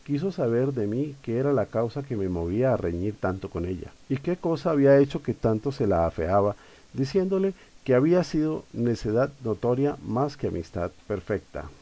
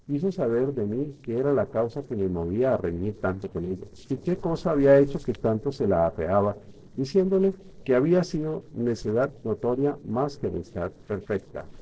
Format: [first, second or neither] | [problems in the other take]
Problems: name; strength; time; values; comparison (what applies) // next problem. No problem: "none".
first | noise reduction (neural separator model SepFormer DNS4)